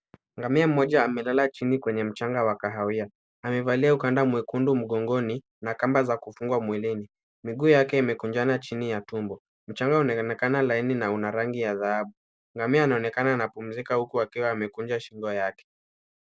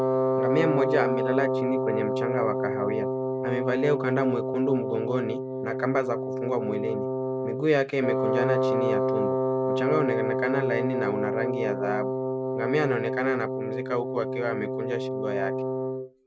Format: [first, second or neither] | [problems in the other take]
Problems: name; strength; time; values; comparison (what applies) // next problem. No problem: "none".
first | background sound (Wind instrument, woodwind instrument); 2 dB above the speech